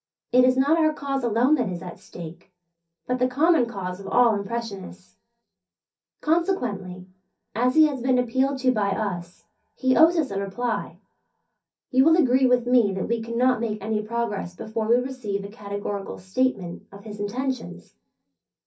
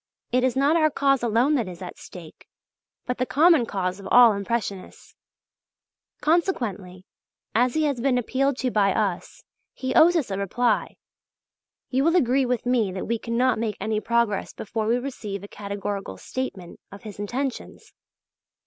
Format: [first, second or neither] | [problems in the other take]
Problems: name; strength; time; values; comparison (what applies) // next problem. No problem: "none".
second | room echo; dies away in 0.3 s